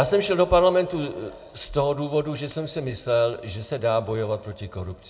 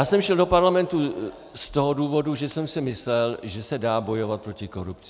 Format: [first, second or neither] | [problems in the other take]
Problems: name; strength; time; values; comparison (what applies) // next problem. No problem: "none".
second | room echo; dies away in 0.6 s